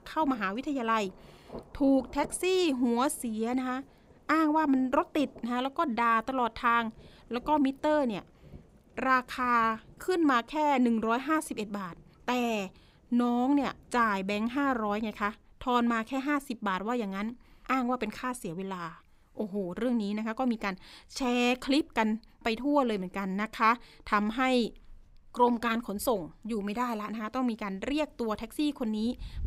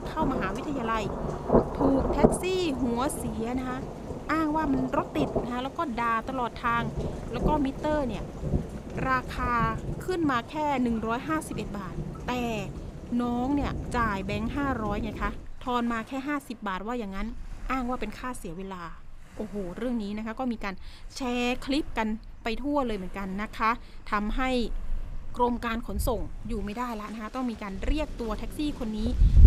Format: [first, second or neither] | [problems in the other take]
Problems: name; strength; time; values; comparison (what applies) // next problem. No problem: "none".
first | rain or running water; loud; throughout; 3 dB below the speech; faint in the first